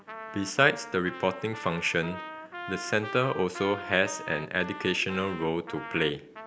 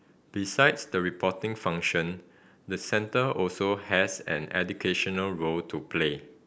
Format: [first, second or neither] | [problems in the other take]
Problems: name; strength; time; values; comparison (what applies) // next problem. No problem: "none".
second | background sound (Trumpet); 12 dB below the speech